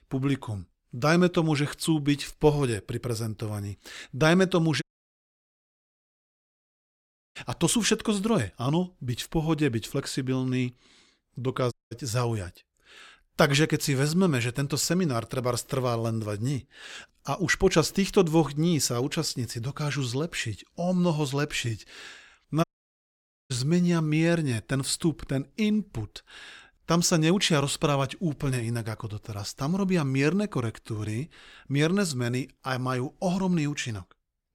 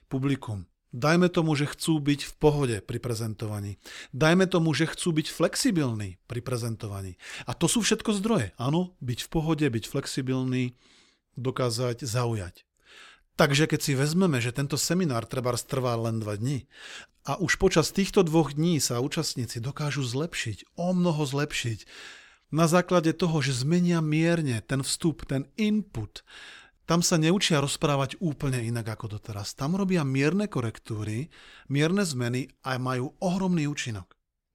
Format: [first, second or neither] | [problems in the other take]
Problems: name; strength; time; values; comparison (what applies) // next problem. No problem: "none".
second | audio cutting out; at 5 s for 2.5 s, at 12 s and at 23 s for 1 s